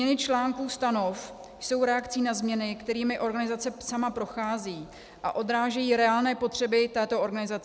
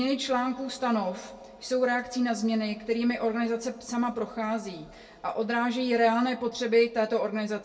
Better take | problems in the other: first | room echo; dies away in 0.1 s

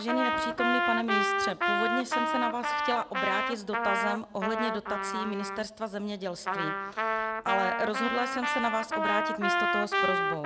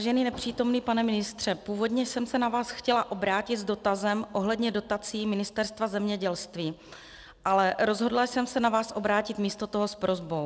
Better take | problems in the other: second | background sound (Trumpet); 3 dB above the speech

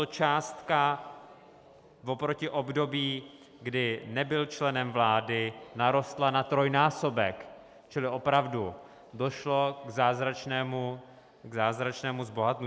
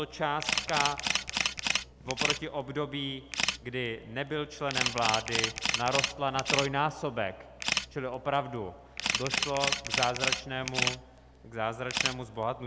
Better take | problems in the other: first | background sound (Camera); as loud as the speech

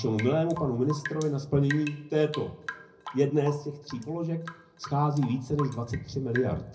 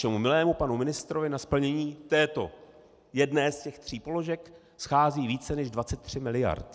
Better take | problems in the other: second | background sound (Drip / Rain); 14 dB below the speech // room echo; dies away in 0.4 s

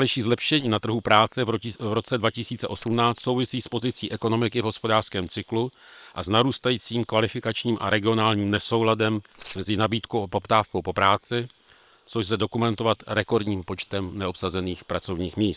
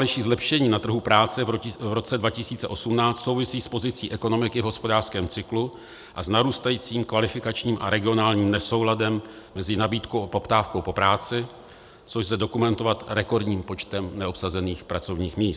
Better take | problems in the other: second | noise reduction (neural separator model SepFormer WHAM!)

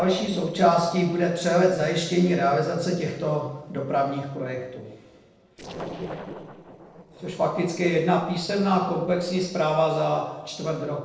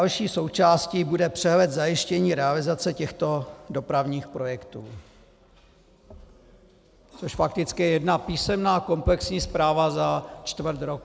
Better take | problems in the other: second | noise reduction (neural separator model SepFormer DNS4)

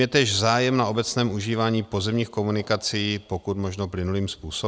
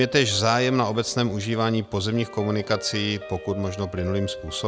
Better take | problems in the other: first | background sound (Guitar); 13 dB below the speech

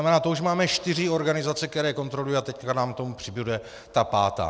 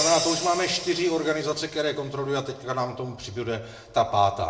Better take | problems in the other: first | background sound (Crash cymbal); 10 dB below the speech // room echo; dies away in 0.6 s

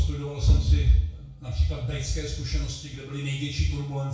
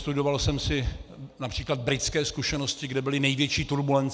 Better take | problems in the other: second | background sound (Bowed string instrument); 17 dB below the speech // room echo; dies away in 0.6 s

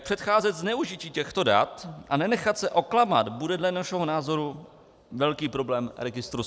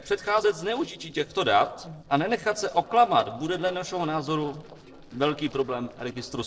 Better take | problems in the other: first | noise reduction (neural separator model SepFormer DNS4)

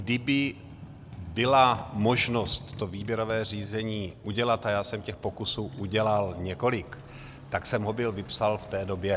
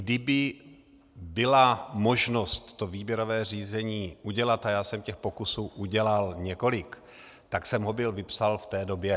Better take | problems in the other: second | background sound (Motorcycle); 15 dB below the speech

